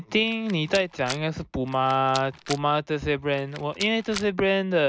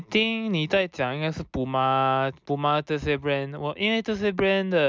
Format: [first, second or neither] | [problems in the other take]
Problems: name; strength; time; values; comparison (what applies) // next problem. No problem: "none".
second | background sound (Rattle); 14 dB below the speech